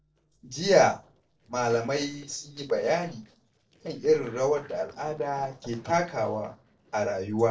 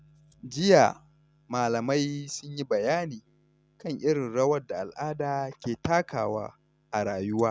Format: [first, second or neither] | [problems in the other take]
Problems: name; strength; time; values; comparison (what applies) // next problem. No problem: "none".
second | noise reduction (neural separator model SepFormer DNS4)